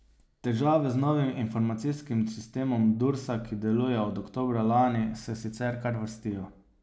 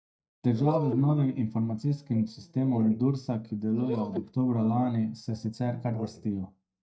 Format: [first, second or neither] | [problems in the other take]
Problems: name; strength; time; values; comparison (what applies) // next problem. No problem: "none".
first | noise reduction (neural mask model DeepFilterNet 3)